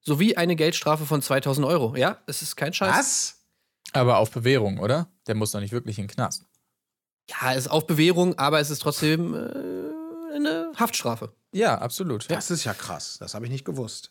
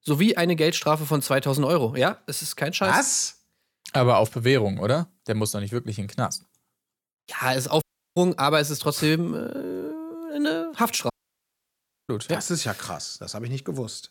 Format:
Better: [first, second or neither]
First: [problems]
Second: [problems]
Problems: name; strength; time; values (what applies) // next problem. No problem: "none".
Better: first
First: none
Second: audio cutting out; at 8 s and at 11 s for 1 s